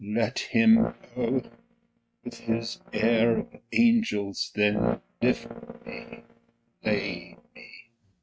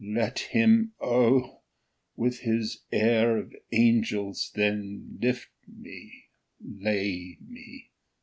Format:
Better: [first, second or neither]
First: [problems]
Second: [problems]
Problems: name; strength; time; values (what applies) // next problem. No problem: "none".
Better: second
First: noise reduction (neural mask model RNNoise)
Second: none